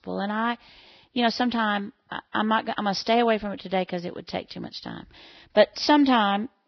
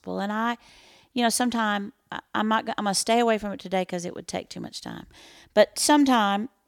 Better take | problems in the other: second | garbled, watery; badly; nothing above 5.5 kHz

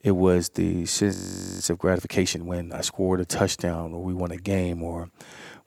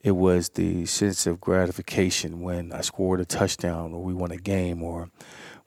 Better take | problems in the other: second | audio freezing; at 1 s

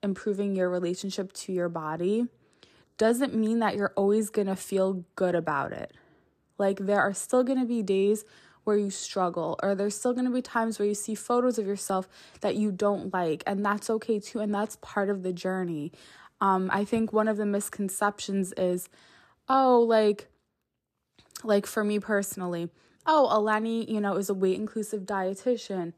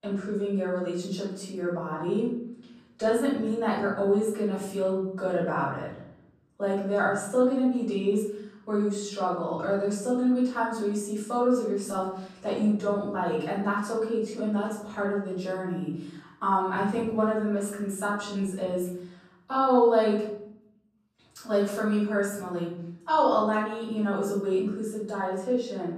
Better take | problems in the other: first | off-mic speech; far // room echo; noticeable; dies away in 0.8 s

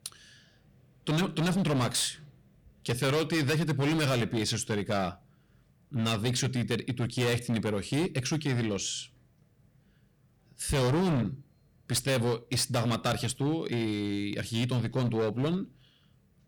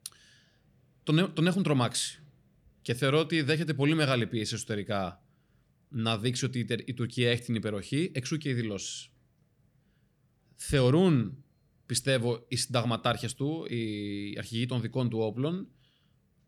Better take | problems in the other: second | distortion; heavy; 13% of the sound clipped

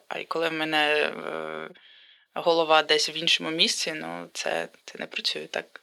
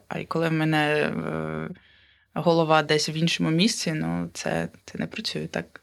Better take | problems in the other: second | thin; somewhat; fading below 500 Hz

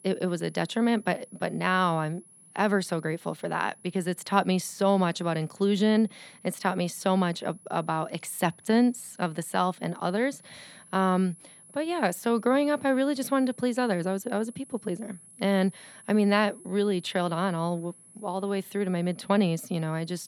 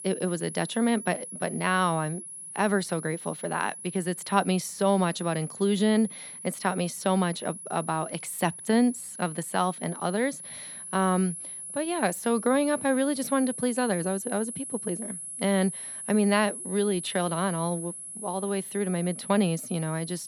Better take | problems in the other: first | high-pitched whine; loud; throughout; 10.5 kHz, 9 dB below the speech; faint in the first

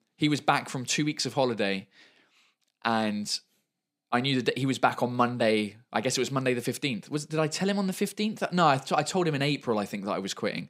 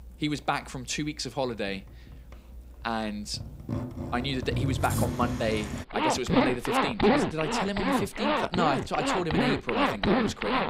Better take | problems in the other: first | household noises; very loud; throughout; 3 dB above the speech

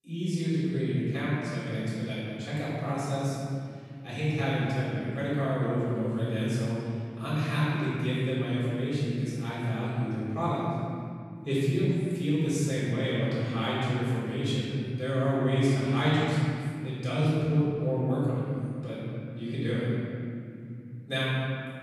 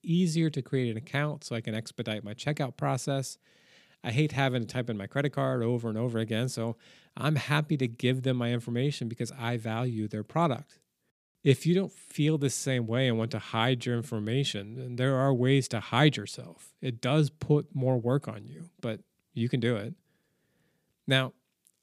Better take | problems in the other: second | off-mic speech; far // room echo; strong; dies away in 2.6 s

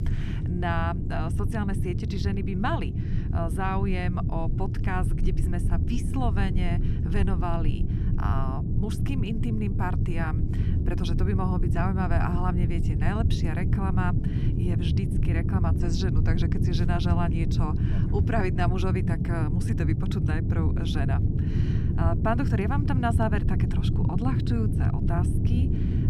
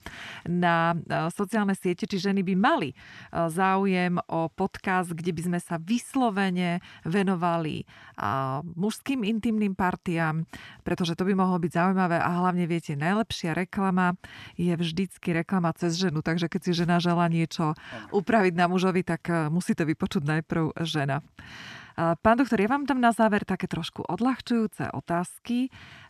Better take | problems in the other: second | low rumble; loud; throughout; 5 dB below the speech

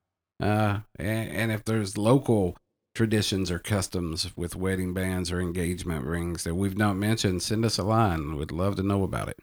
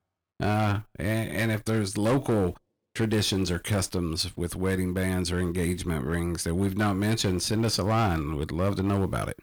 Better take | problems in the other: first | distortion; slight; 8% of the sound clipped

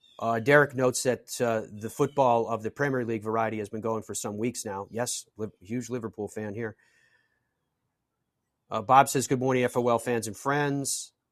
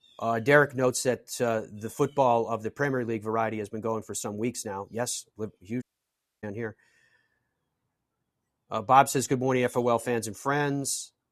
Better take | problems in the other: first | audio cutting out; at 6 s for 0.5 s

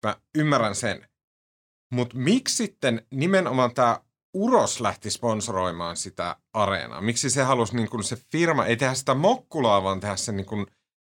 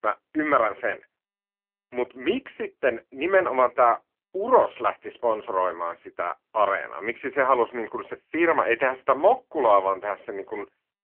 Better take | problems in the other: first | phone-call audio; poor line

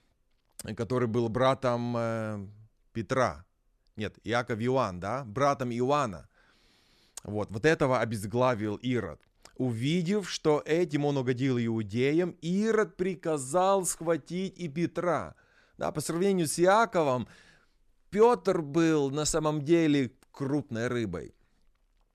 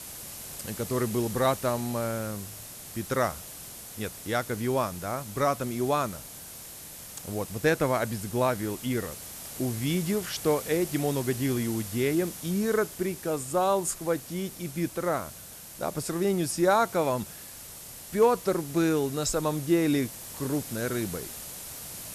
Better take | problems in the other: first | hiss; noticeable; throughout; 10 dB below the speech

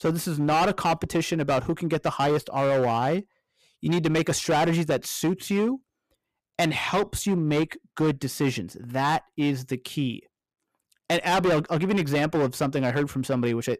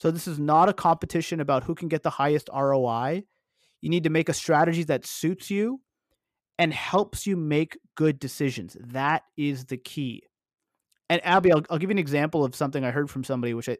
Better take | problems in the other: second | distortion; heavy; 13% of the sound clipped

